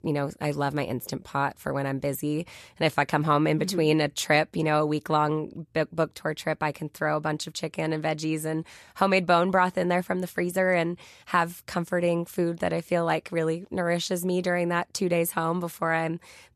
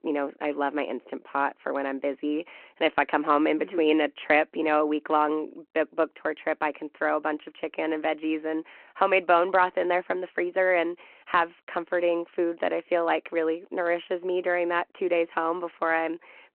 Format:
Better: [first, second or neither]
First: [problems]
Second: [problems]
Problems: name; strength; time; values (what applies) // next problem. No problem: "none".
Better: first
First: none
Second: phone-call audio